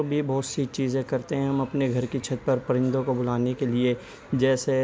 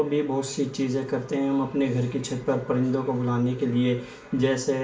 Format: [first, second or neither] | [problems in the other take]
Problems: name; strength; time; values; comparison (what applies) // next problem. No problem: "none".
first | room echo; dies away in 0.4 s